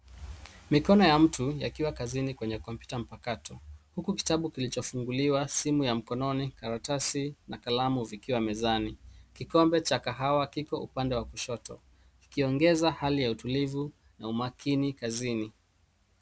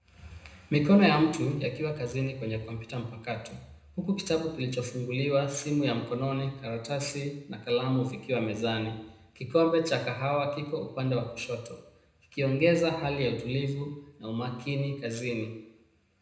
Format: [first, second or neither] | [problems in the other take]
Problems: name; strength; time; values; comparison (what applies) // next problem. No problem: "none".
first | room echo; dies away in 0.8 s